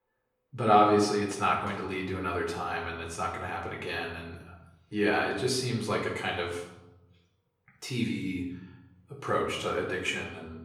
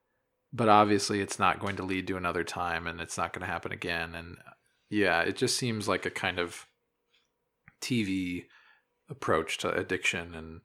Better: second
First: off-mic speech; far // room echo; noticeable; dies away in 0.9 s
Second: none

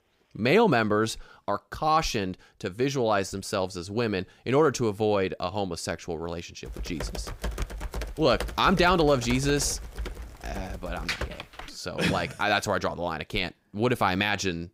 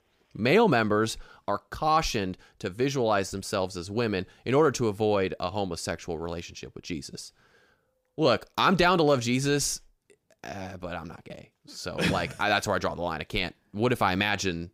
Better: second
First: keyboard typing; noticeable; from 6.5 to 12 s; peak 5 dB below the speech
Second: none

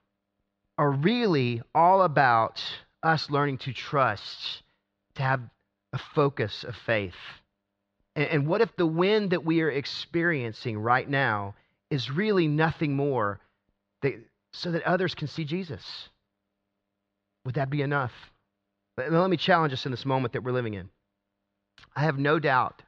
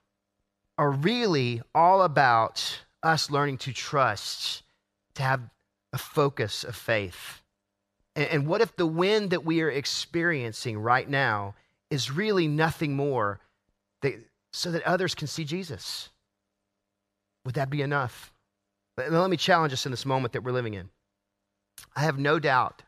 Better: second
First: muffled; very slightly; fading above 4 kHz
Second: none

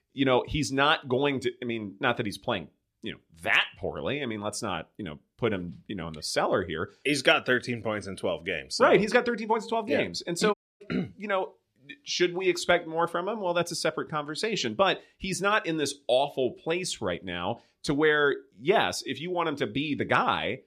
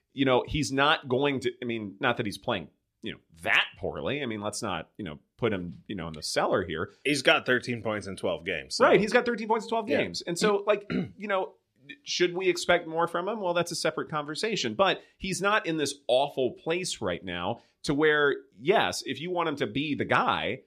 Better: second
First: audio cutting out; at 11 s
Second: none

